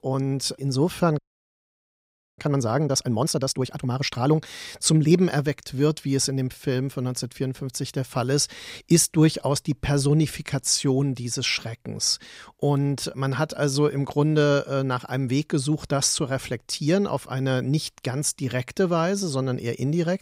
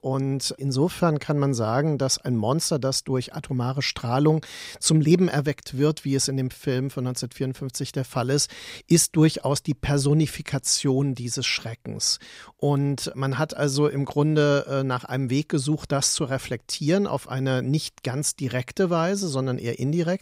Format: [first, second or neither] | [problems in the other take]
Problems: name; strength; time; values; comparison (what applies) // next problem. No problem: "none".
second | audio freezing; at 1 s for 1 s